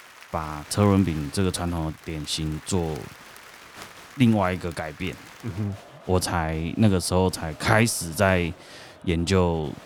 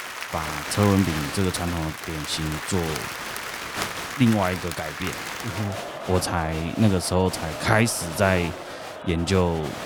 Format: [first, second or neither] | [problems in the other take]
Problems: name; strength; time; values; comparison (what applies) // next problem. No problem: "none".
first | crowd noise; loud; throughout; 7 dB below the speech; faint in the first